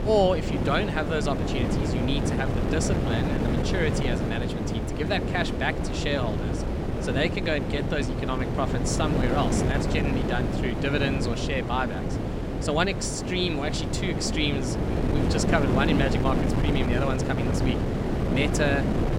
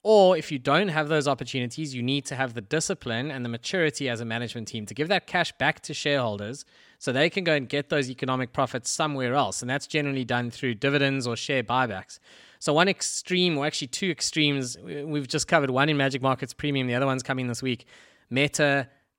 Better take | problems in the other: second | wind noise on the microphone; heavy; 3 dB below the speech

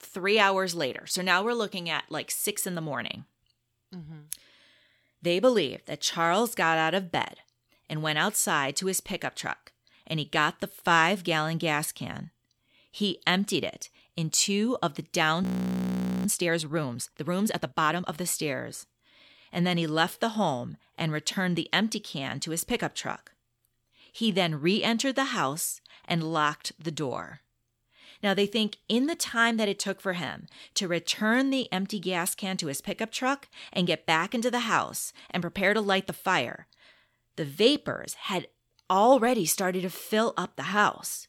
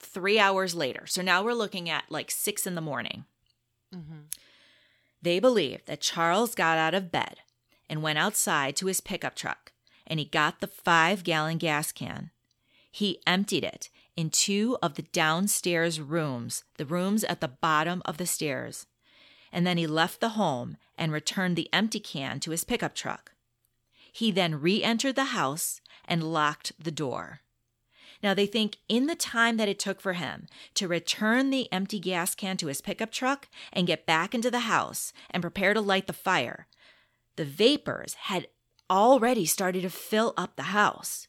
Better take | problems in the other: second | audio freezing; at 15 s for 1 s

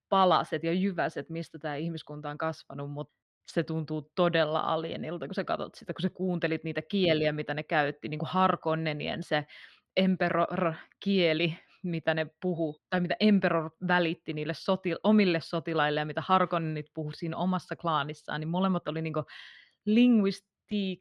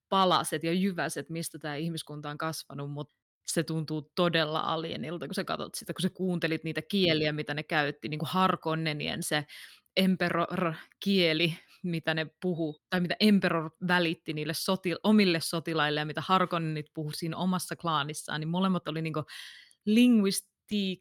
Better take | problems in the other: second | muffled; slightly; fading above 3 kHz

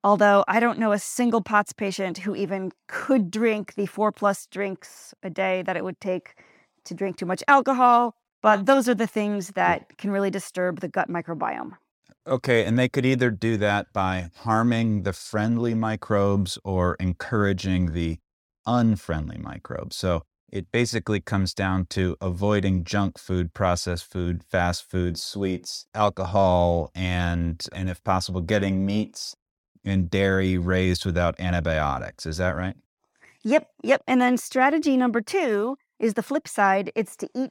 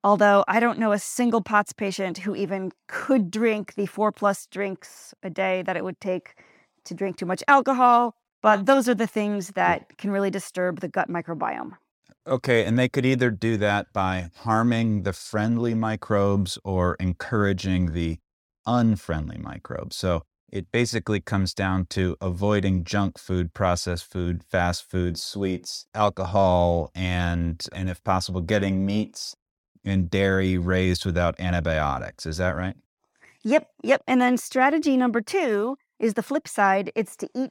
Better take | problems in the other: neither | none

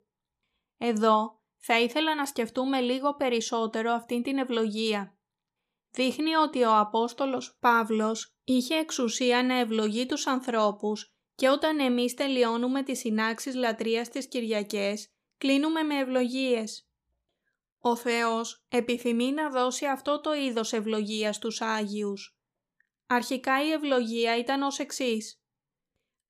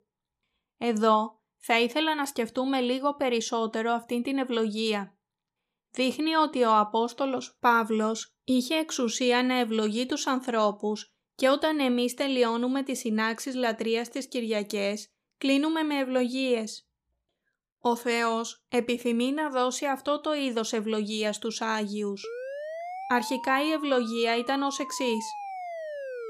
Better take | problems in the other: first | siren; noticeable; from 22 s on; peak 9 dB below the speech

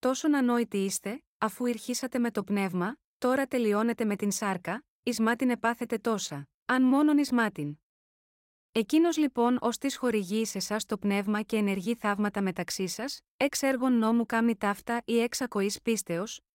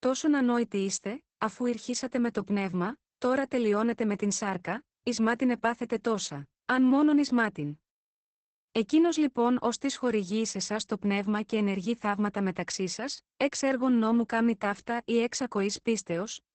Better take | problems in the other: first | garbled, watery; badly; nothing above 8 kHz

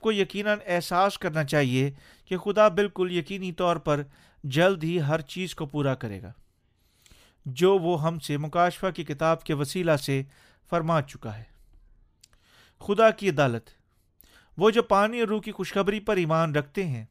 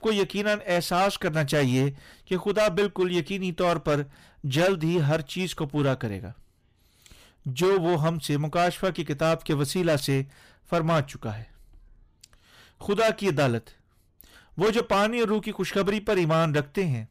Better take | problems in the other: first | distortion; heavy; 9% of the sound clipped

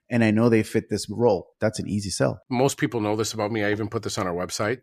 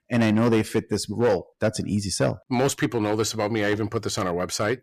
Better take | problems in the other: first | distortion; slight; 6% of the sound clipped

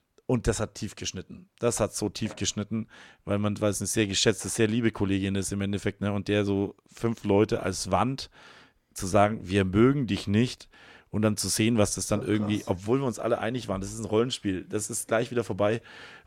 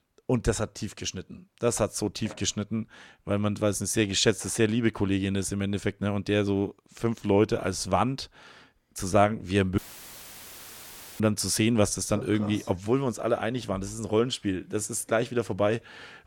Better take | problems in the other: first | audio cutting out; filled with static; at 10 s for 1.5 s

